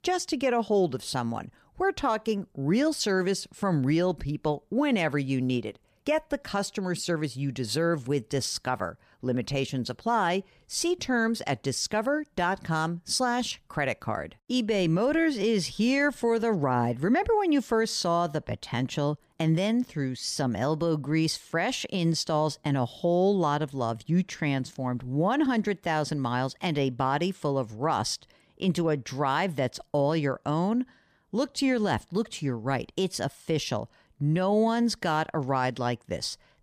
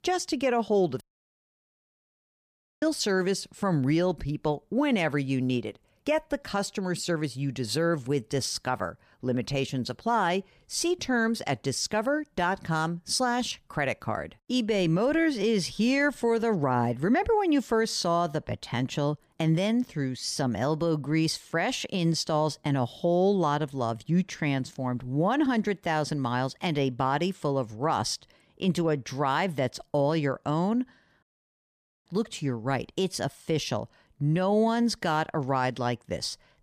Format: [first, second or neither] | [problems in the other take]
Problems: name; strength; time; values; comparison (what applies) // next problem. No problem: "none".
first | audio cutting out; at 1 s for 2 s and at 31 s for 1 s